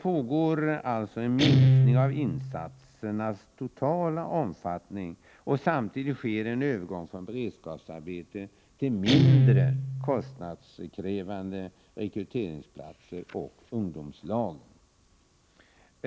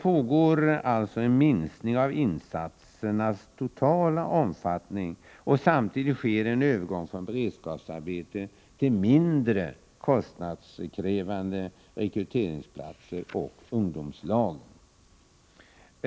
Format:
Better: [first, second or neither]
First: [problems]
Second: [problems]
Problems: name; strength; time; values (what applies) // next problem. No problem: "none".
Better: second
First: background sound (Guitar); 1 dB above the speech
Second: none